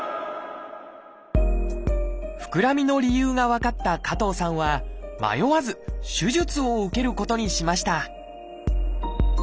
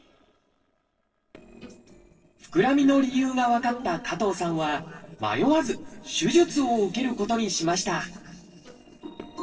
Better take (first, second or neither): first